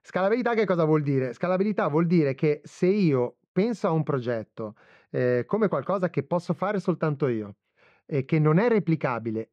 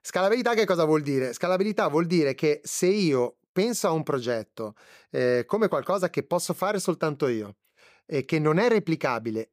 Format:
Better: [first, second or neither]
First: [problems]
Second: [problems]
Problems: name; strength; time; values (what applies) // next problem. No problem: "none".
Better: second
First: muffled; slightly; fading above 2.5 kHz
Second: none